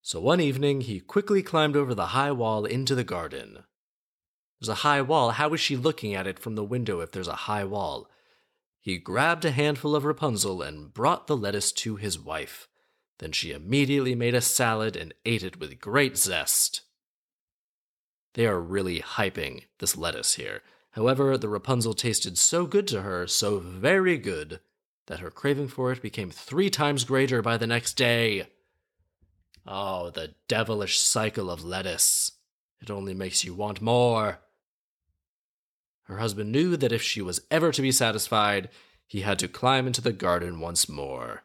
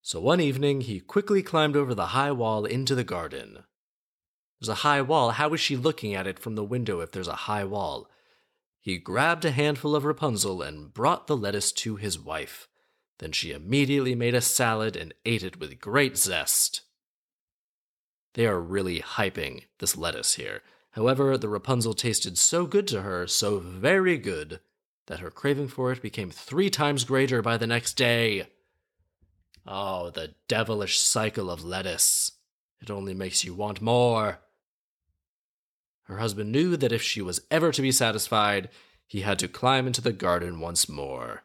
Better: neither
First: none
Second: none

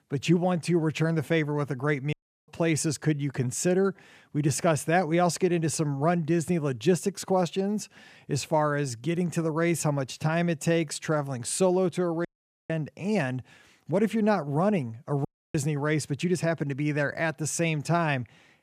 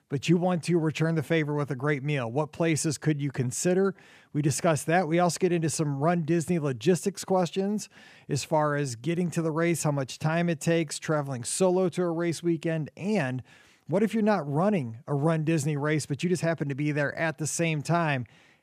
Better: second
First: audio cutting out; at 2 s, at 12 s and at 15 s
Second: none

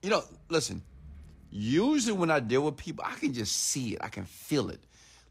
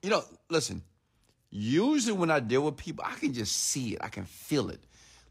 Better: second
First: traffic noise; faint; until 1.5 s; 25 dB below the speech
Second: none

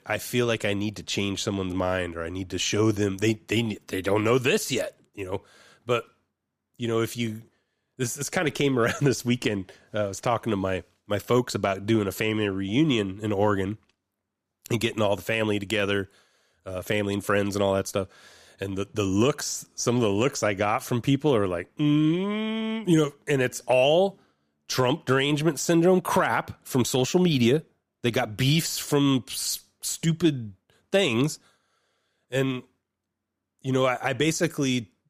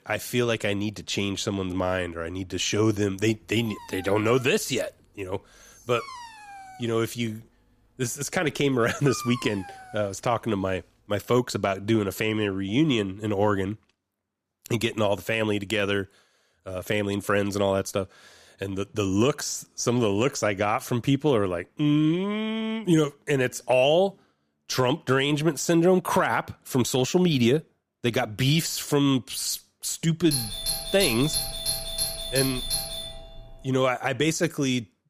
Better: first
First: none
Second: dog barking; faint; from 3.5 to 10 s; peak 10 dB below the speech // doorbell; noticeable; from 30 to 34 s; peak level with the speech

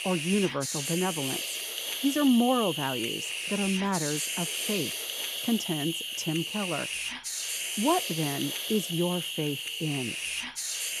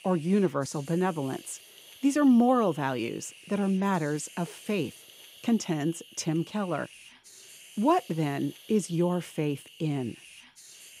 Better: second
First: hiss; loud; throughout; 1 dB below the speech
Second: hiss; faint; throughout; 20 dB below the speech

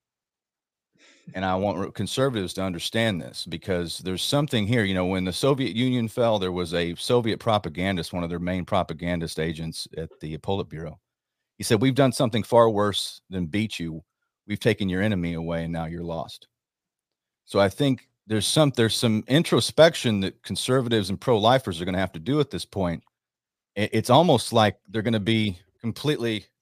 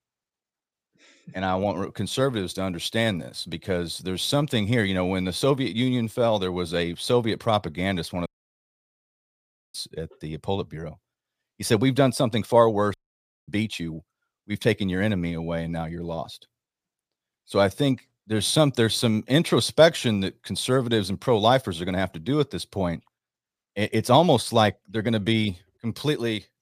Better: first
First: none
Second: audio cutting out; at 8.5 s for 1.5 s and at 13 s for 0.5 s

